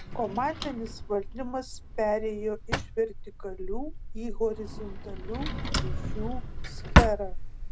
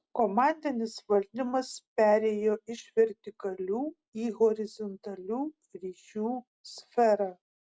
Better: second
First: background sound (Drawer open or close); 3 dB above the speech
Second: none

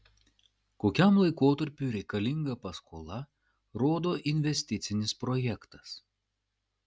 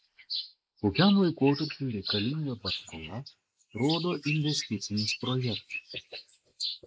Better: first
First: none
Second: noise reduction (neural mask model Resemble Enhance denoiser)

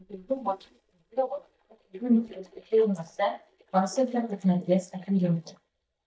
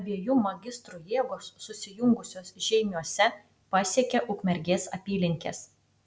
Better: second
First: noise reduction (neural mask model DeepFilterNet 3)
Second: none

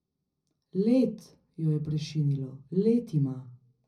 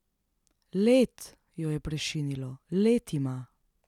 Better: second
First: room echo; dies away in 0.4 s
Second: none

